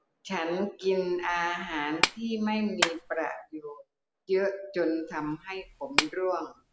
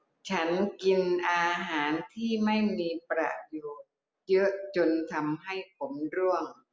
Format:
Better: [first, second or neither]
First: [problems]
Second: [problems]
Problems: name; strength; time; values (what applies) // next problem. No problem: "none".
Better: second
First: background sound (Clapping); 5 dB below the speech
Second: none